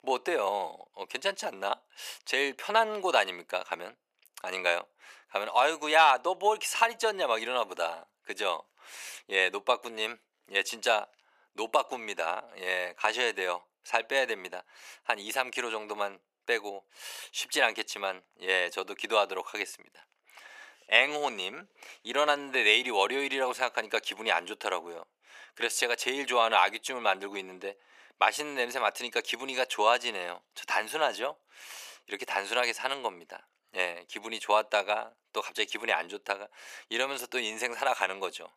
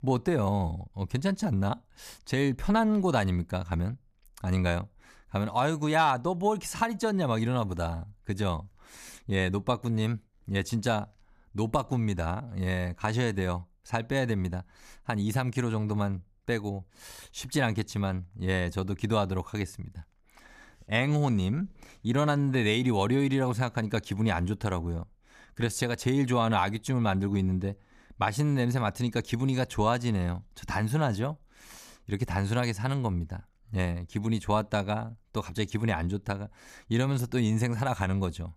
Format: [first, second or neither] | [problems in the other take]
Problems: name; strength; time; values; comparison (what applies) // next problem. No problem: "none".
second | thin; very; fading below 450 Hz